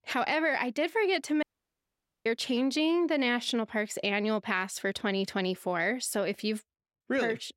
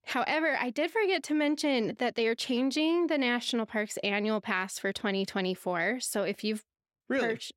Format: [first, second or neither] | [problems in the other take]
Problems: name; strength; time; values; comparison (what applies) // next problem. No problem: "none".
second | audio cutting out; at 1.5 s for 1 s